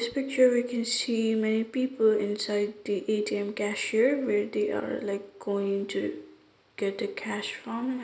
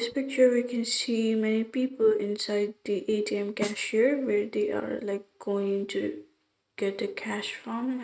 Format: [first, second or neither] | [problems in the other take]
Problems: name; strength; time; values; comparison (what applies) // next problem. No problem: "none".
first | noise reduction (neural mask model RNNoise)